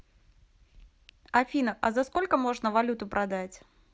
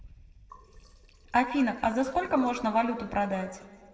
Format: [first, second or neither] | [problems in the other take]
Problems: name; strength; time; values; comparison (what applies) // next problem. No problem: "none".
first | noise reduction (neural separator model SepFormer DNS4)